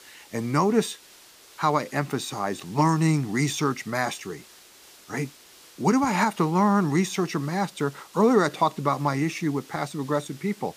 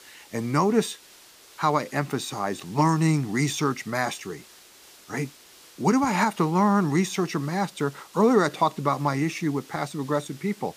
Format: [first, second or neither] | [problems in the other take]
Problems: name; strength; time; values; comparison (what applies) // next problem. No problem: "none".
neither | hiss; faint; throughout; 25 dB below the speech; the same in both